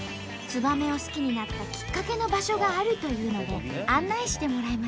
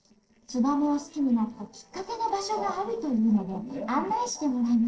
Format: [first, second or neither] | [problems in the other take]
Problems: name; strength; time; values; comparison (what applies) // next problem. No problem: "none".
first | noise reduction (neural separator model SepFormer DNS4)